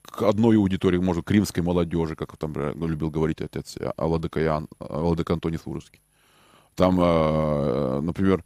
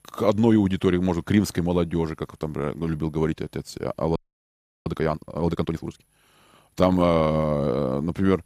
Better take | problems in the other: first | audio freezing; at 4 s for 0.5 s

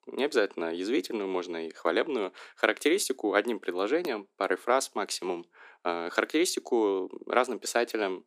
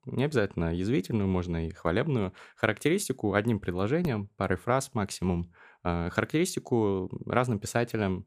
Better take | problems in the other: second | thin; somewhat; fading below 300 Hz

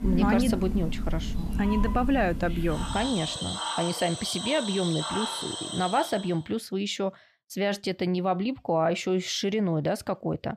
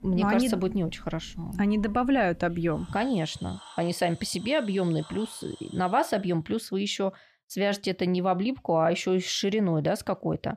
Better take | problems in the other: second | animal sounds; loud; until 6 s; 4 dB below the speech; faint in the second

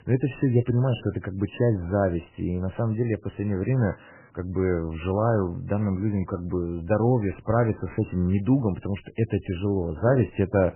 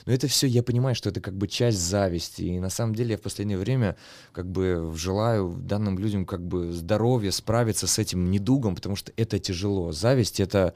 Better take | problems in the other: second | garbled, watery; badly; nothing above 3 kHz

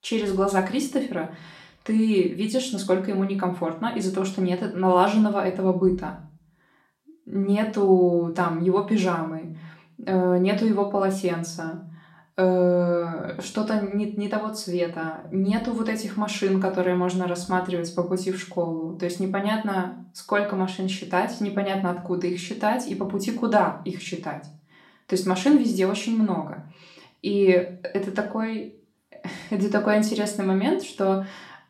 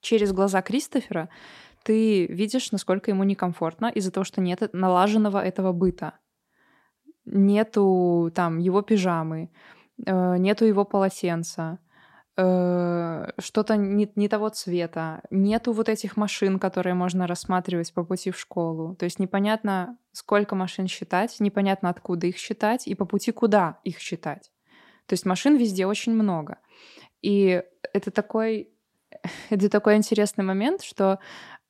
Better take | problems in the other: second | room echo; slight; dies away in 0.4 s // off-mic speech; far

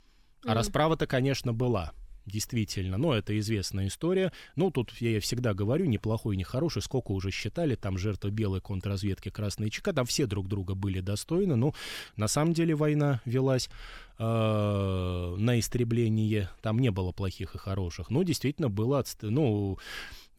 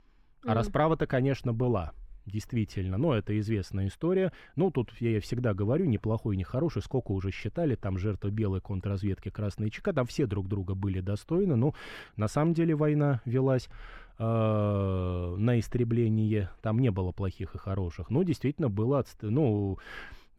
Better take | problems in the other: first | muffled; slightly; fading above 3 kHz

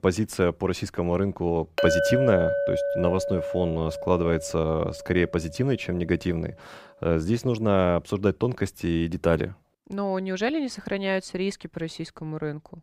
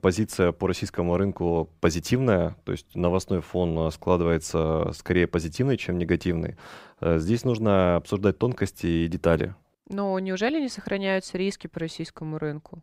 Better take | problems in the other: second | clattering dishes; loud; from 2 to 5 s; peak 4 dB above the speech

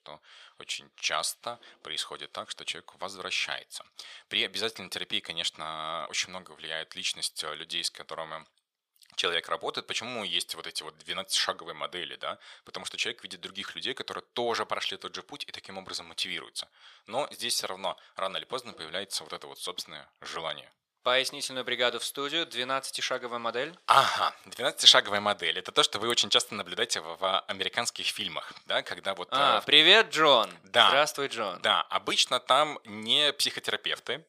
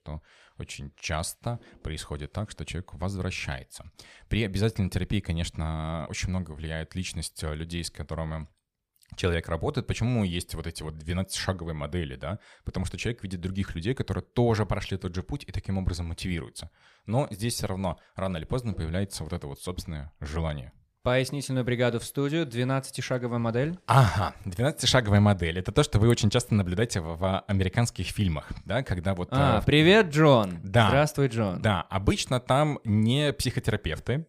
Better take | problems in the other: second | thin; very; fading below 550 Hz

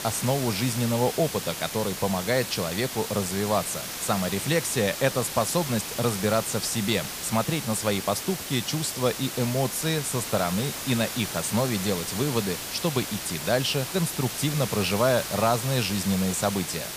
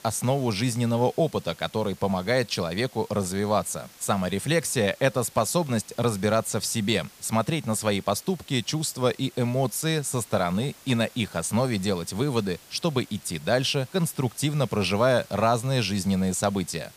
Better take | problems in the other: second | hiss; loud; throughout; 5 dB below the speech; faint in the second

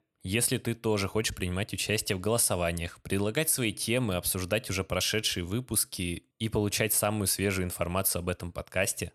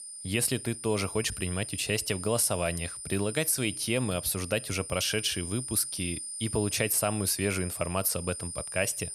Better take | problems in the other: first | high-pitched whine; loud; throughout; 9 kHz, 8 dB below the speech

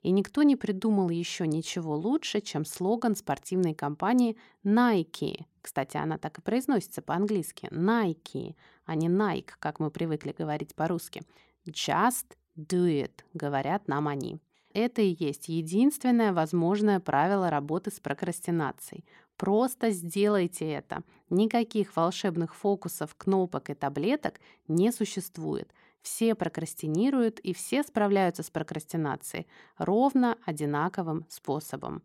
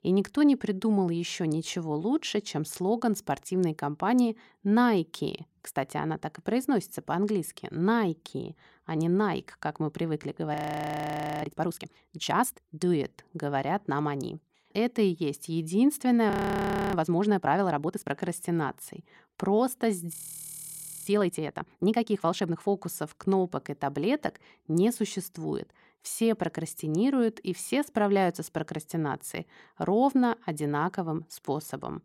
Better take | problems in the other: first | audio freezing; at 11 s for 1 s, at 16 s for 0.5 s and at 20 s for 1 s

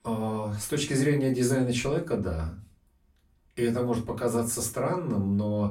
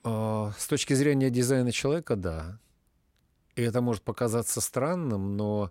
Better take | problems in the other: second | off-mic speech; far // room echo; very slight; dies away in 0.2 s

